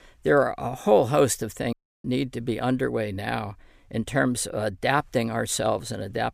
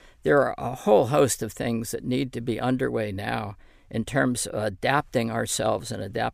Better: second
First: audio cutting out; at 1.5 s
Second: none

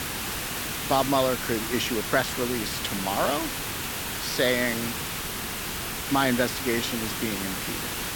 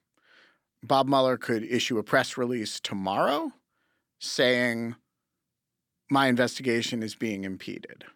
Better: second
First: hiss; loud; throughout; 3 dB below the speech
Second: none

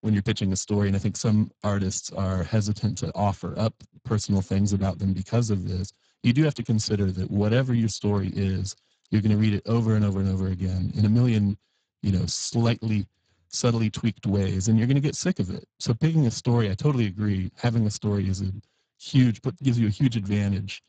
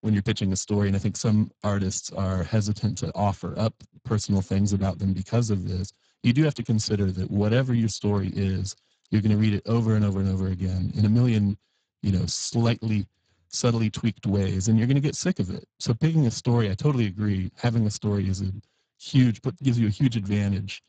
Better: neither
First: garbled, watery; badly; nothing above 7.5 kHz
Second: garbled, watery; badly; nothing above 7.5 kHz

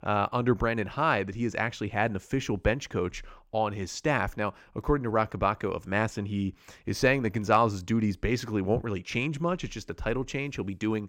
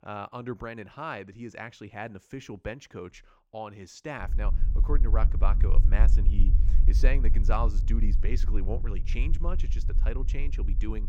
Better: first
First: none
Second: low rumble; noticeable; from 4 s on; 10 dB below the speech

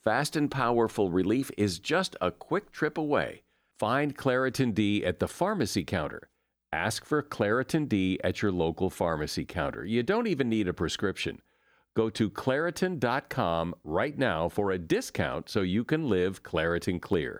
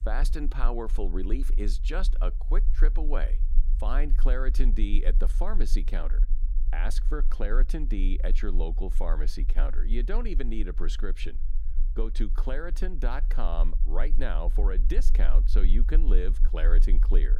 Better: first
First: none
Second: low rumble; noticeable; throughout; 15 dB below the speech

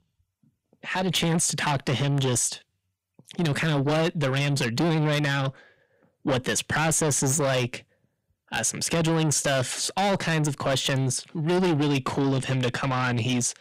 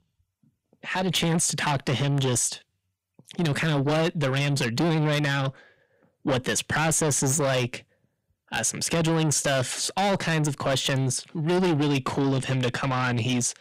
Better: neither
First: distortion; heavy; 6 dB below the speech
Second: distortion; heavy; 6 dB below the speech

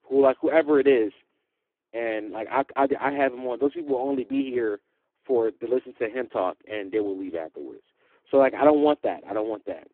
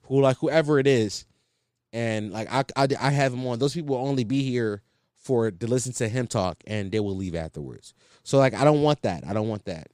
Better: second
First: phone-call audio; poor line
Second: none

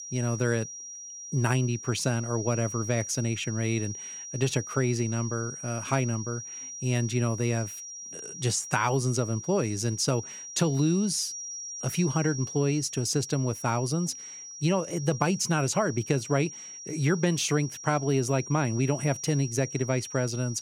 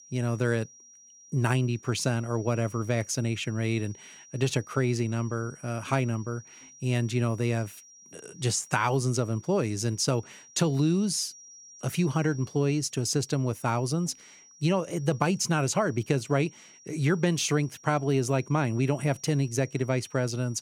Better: second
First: high-pitched whine; loud; throughout; 5.5 kHz, 10 dB below the speech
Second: high-pitched whine; faint; throughout; 5.5 kHz, 20 dB below the speech

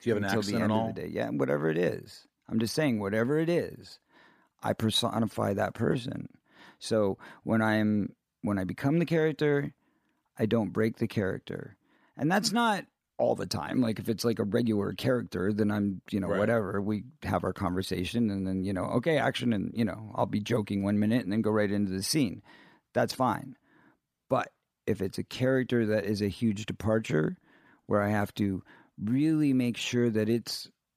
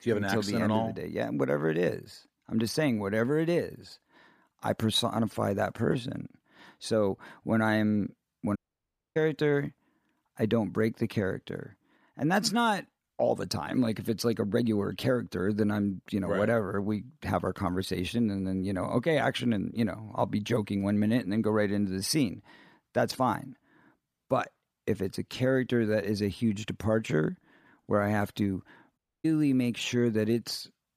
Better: first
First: none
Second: audio cutting out; at 8.5 s for 0.5 s and at 29 s

